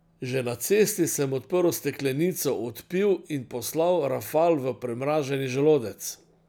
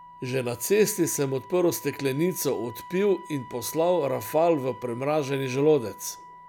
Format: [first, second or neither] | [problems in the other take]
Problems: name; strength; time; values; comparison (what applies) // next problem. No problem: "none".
first | background sound (Wind instrument, woodwind instrument); 18 dB below the speech